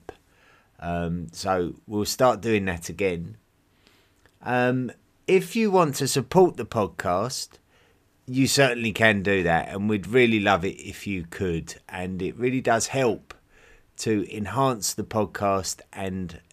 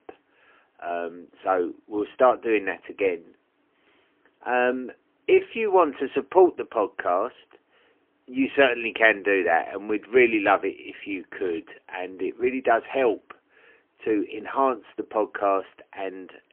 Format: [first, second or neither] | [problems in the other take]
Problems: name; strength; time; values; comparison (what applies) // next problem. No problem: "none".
first | phone-call audio; poor line